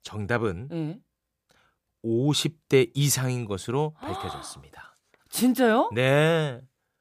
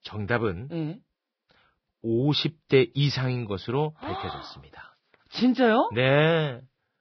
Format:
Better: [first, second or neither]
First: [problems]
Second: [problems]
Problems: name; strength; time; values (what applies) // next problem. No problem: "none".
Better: first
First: none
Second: garbled, watery; badly; nothing above 5.5 kHz